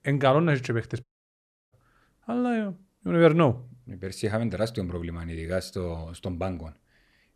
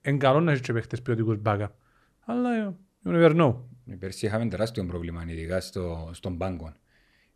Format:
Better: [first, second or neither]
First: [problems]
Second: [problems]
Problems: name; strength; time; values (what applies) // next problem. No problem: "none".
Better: second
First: audio cutting out; at 1 s for 0.5 s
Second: none